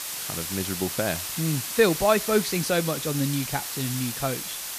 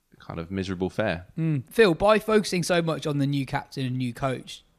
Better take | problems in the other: second | hiss; loud; throughout; 4 dB below the speech

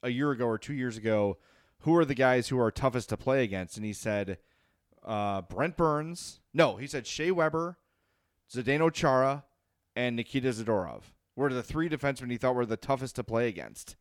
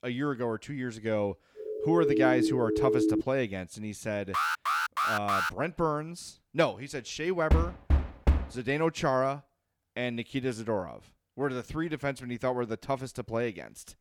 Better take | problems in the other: first | siren; loud; from 1.5 to 3 s; peak 5 dB above the speech // alarm; loud; from 4.5 to 5.5 s; peak 4 dB above the speech // door banging; loud; at 7.5 s; peak 3 dB above the speech

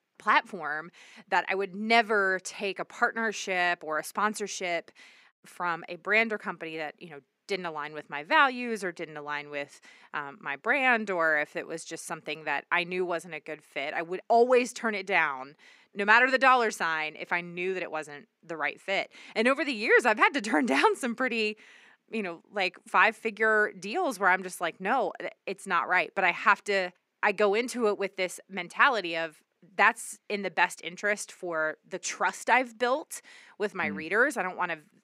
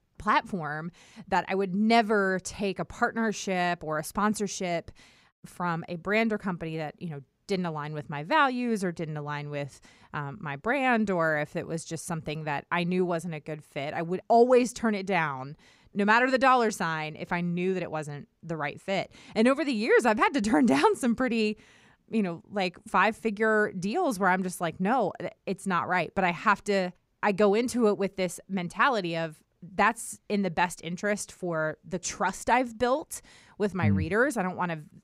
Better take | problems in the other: second | thin; somewhat; fading below 250 Hz

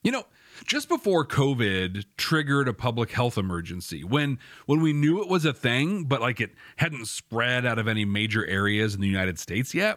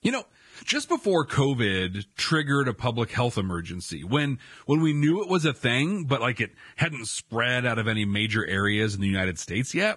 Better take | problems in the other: first | garbled, watery; badly; nothing above 10 kHz

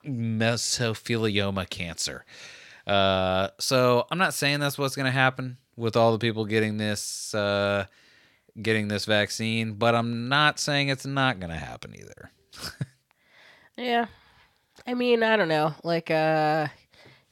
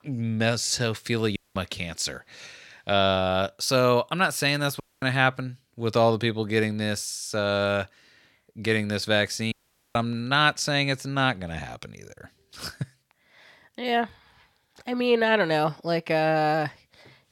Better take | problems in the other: first | audio cutting out; at 1.5 s, at 5 s and at 9.5 s

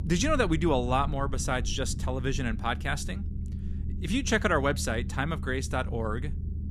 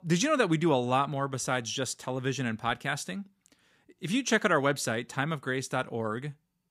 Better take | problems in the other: second | low rumble; noticeable; throughout; 20 dB below the speech

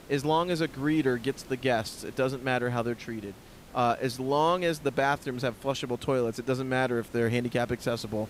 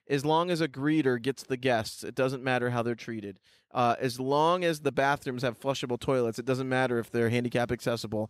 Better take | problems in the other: second | hiss; faint; throughout; 20 dB below the speech

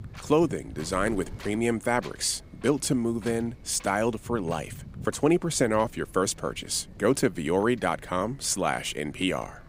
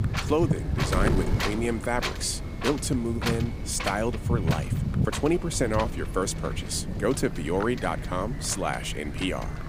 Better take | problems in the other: first | wind noise on the microphone; heavy; 5 dB below the speech; occasional gusts in the first

